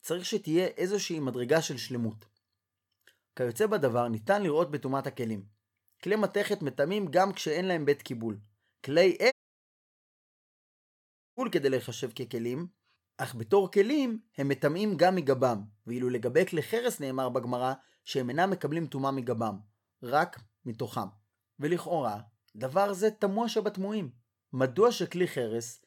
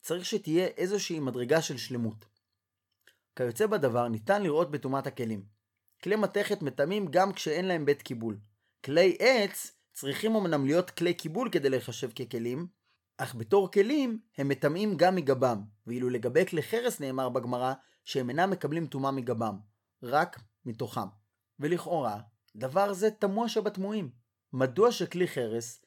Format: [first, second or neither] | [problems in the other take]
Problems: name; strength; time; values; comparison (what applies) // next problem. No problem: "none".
second | audio cutting out; at 9.5 s for 2 s